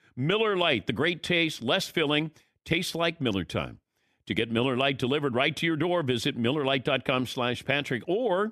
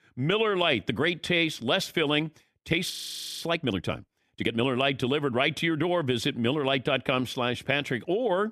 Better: first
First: none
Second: audio freezing; at 3 s for 0.5 s

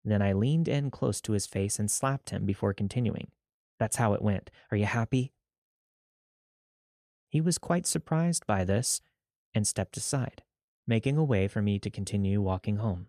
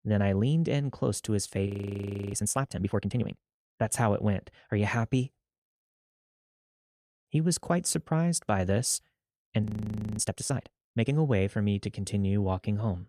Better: first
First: none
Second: audio freezing; at 1.5 s for 0.5 s and at 9.5 s for 0.5 s

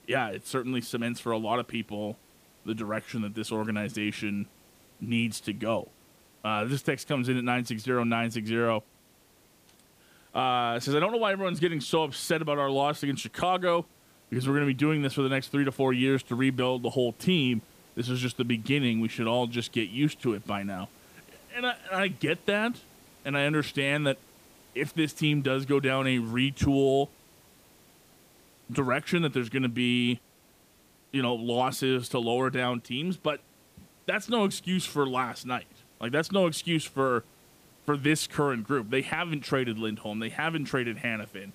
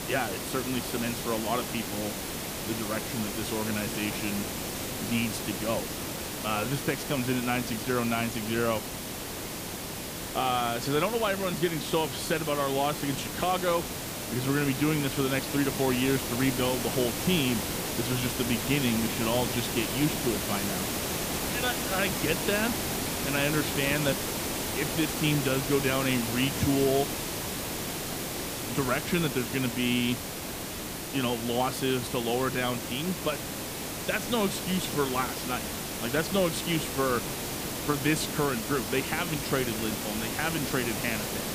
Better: first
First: hiss; faint; throughout; 30 dB below the speech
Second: hiss; loud; throughout; 2 dB below the speech

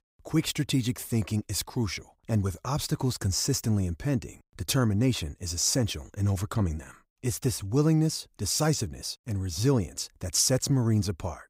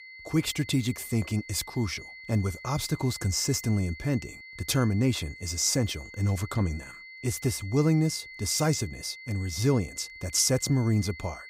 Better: first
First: none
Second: high-pitched whine; noticeable; throughout; 2 kHz, 15 dB below the speech

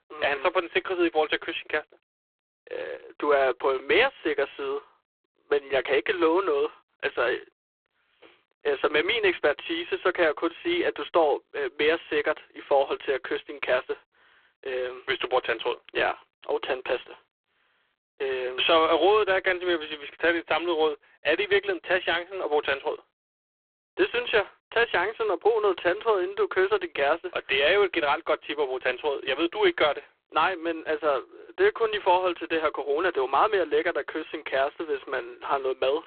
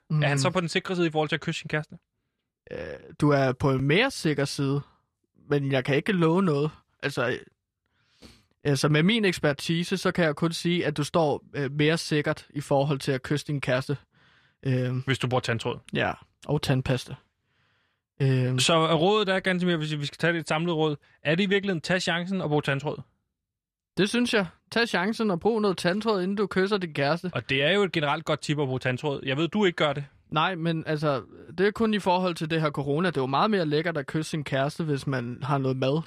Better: second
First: phone-call audio; poor line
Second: none

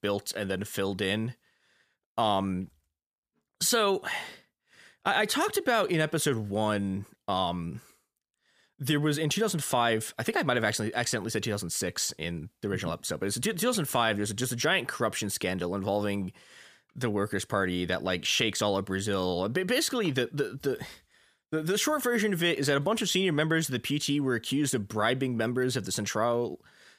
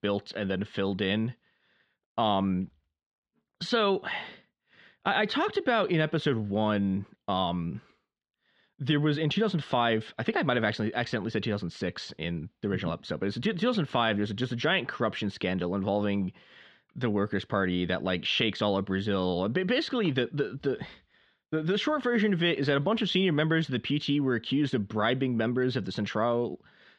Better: first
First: none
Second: muffled; slightly; fading above 3.5 kHz

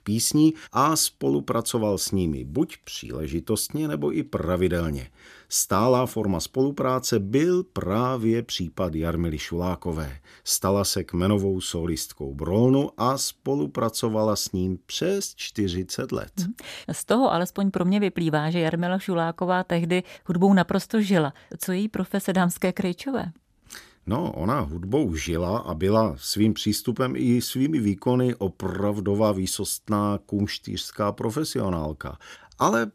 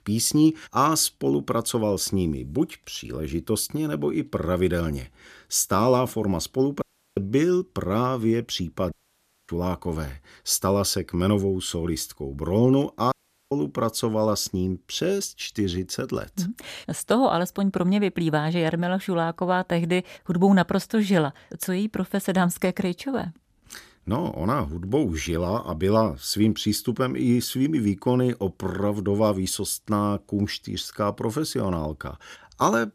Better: first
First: none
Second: audio cutting out; at 7 s, at 9 s for 0.5 s and at 13 s

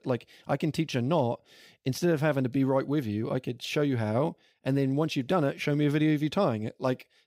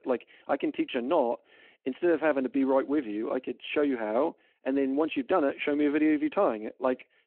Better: first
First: none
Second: phone-call audio

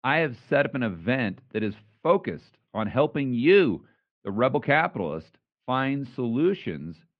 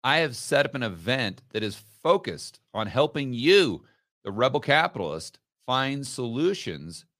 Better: second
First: muffled; very; fading above 2.5 kHz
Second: none

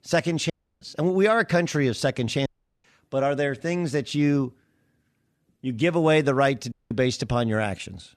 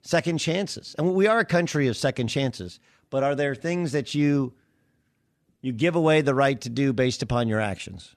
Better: second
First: audio cutting out; at 0.5 s, at 2.5 s and at 6.5 s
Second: none

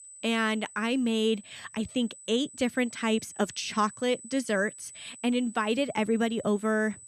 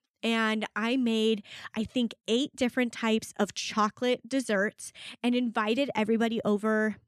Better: second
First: high-pitched whine; noticeable; throughout; 8 kHz, 15 dB below the speech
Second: none

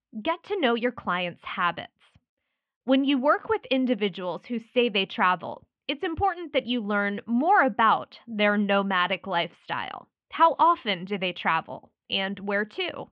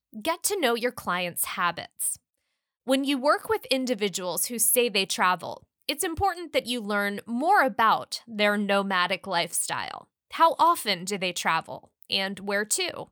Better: second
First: muffled; very; fading above 3 kHz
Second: none

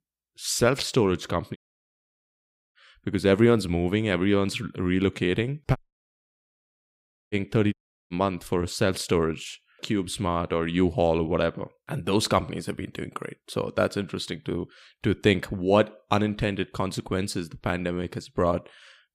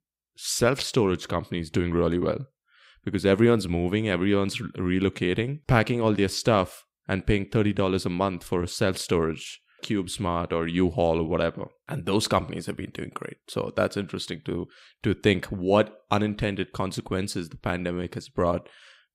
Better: second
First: audio cutting out; at 1.5 s for 1 s, at 6 s for 1.5 s and at 7.5 s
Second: none

